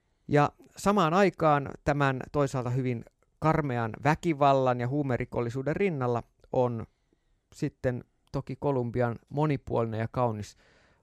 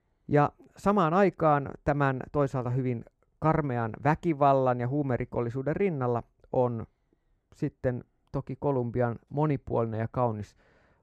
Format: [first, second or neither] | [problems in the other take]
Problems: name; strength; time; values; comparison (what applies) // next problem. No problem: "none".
first | muffled; slightly; fading above 2.5 kHz